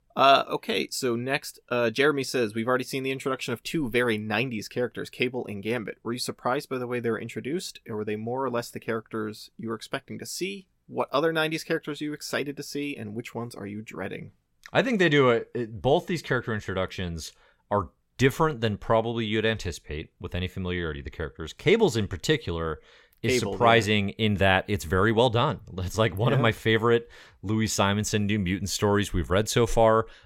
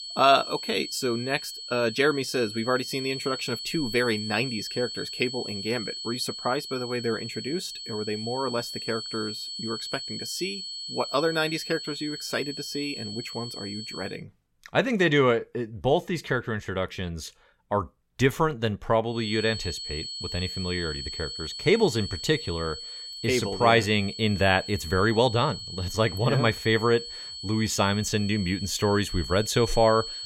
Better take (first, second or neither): first